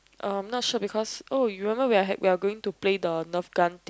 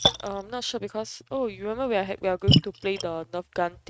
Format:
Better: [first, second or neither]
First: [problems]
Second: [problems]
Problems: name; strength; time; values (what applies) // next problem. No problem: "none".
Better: first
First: none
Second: noise reduction (neural mask model RNNoise)